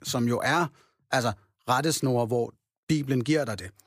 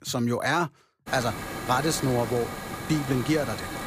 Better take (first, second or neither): first